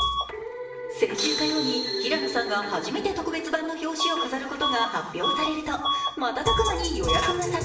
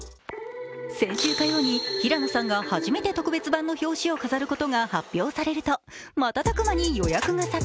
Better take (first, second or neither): second